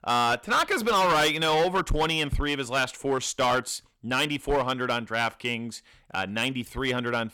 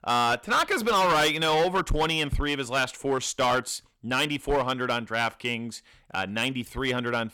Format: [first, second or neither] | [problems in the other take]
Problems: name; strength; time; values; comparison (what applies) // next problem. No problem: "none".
neither | distortion; heavy; 10% of the sound clipped; the same in both